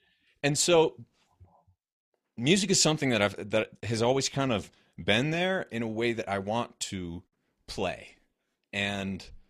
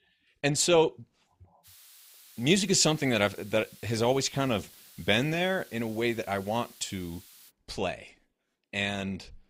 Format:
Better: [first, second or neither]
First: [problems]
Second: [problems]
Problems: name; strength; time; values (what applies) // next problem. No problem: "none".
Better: first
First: none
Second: hiss; faint; from 1.5 to 7.5 s; 25 dB below the speech